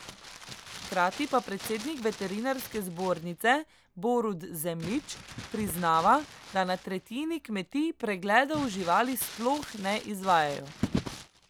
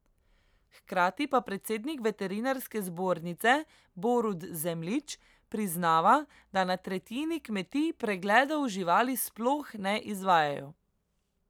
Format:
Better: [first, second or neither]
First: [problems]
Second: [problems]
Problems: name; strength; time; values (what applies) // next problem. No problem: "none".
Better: second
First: background sound (Crumpling, crinkling); 13 dB below the speech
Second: none